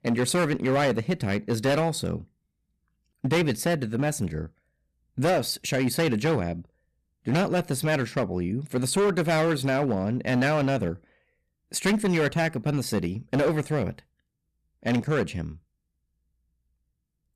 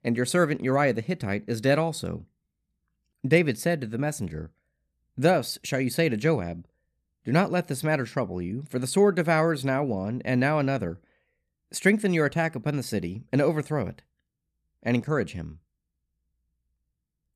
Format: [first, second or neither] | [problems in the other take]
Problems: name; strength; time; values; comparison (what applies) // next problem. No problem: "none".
second | distortion; heavy; 9% of the sound clipped